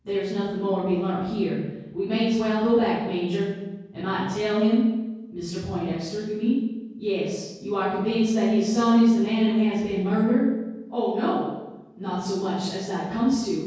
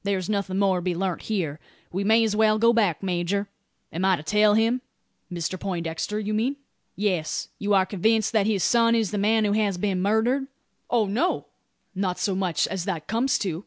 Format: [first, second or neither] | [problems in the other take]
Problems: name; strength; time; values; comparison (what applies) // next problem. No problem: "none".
second | room echo; dies away in 1.3 s